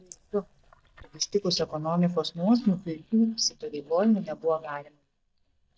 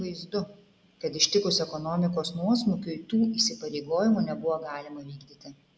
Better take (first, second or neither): second